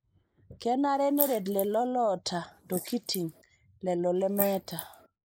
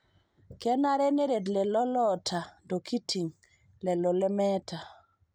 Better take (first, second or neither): second